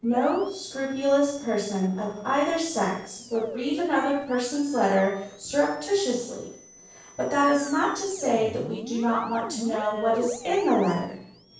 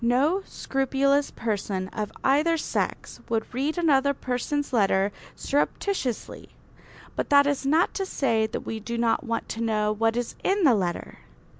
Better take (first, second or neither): second